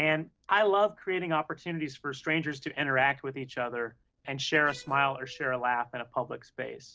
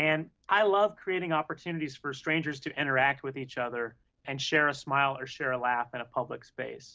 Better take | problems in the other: second | noise reduction (neural separator model SepFormer DNS4)

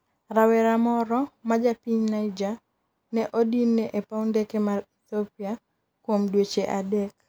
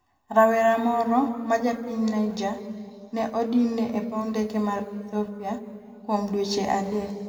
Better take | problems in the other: first | room echo; dies away in 2.2 s

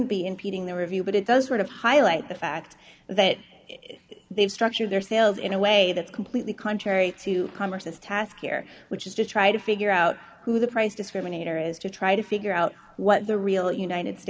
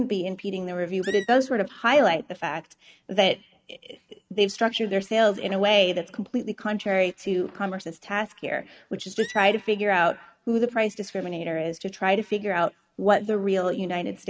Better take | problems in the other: first | noise reduction (neural mask model RNNoise)

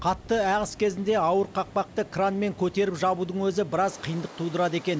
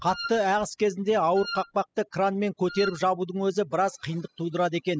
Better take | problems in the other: first | noise reduction (classical method spectral subtraction)

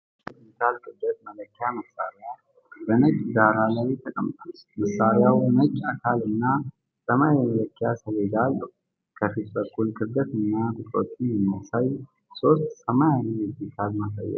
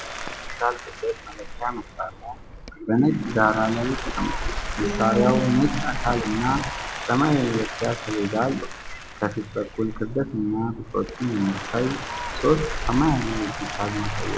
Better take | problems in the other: first | background sound (Bird + Applause); 7 dB below the speech

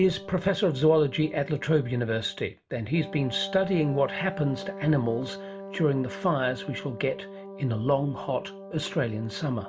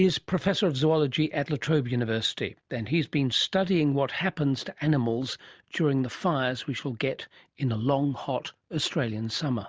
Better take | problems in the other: second | background sound (Wind instrument, woodwind instrument); 14 dB below the speech // room echo; dies away in 0.2 s

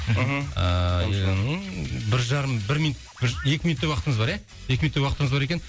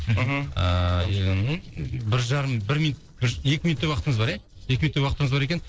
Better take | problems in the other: first | noise reduction (neural separator model SepFormer DNS4)

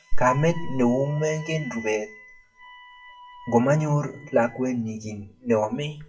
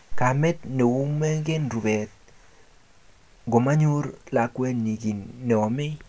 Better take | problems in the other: second | noise reduction (classical method WPE with log-MMSE)

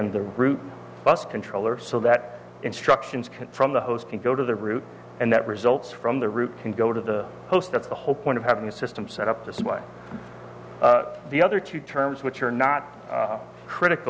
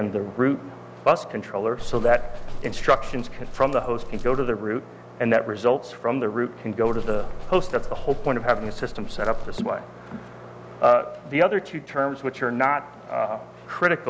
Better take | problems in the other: first | background sound (Livestock, farm animals, working animals); 3 dB below the speech

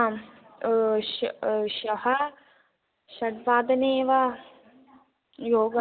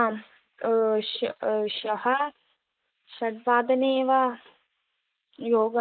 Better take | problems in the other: first | noise reduction (neural mask model Resemble Enhance denoiser)

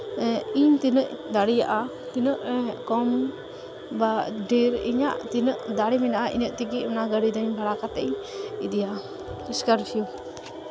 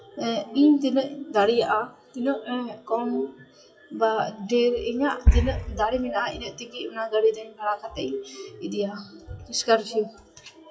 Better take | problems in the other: first | noise reduction (classical method WPE with log-MMSE)

